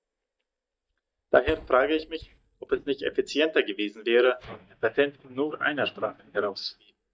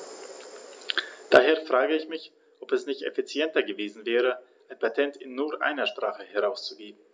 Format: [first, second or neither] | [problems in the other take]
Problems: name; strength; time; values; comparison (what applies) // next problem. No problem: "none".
second | noise reduction (neural mask model DeepFilterNet 3)